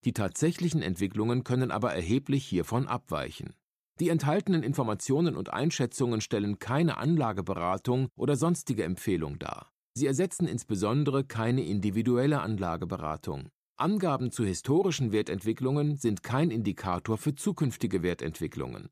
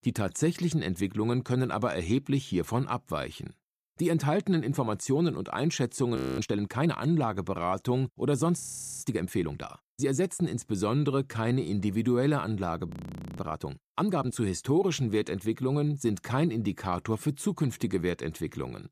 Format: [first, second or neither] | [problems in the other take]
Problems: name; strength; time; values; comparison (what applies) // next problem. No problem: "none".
first | audio freezing; at 6 s, at 8.5 s and at 13 s